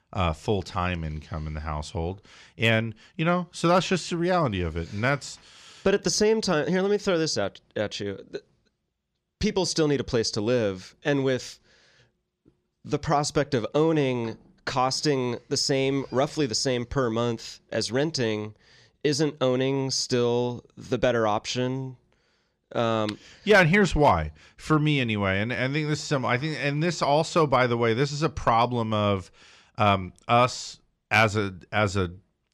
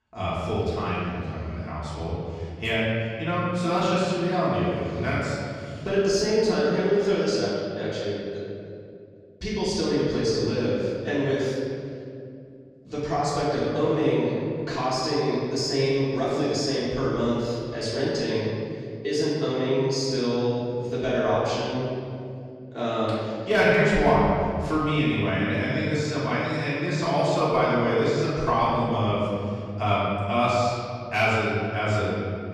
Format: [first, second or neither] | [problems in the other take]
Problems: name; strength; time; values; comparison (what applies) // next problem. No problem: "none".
first | room echo; strong; dies away in 2.4 s // off-mic speech; far